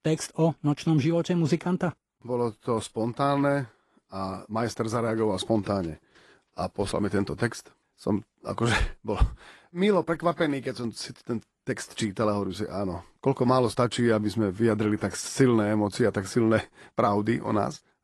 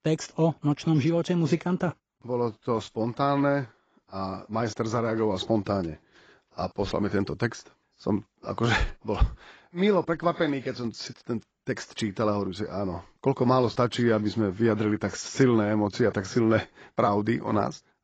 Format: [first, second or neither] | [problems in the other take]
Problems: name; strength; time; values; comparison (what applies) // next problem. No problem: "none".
first | garbled, watery; badly; nothing above 8 kHz; slightly in the first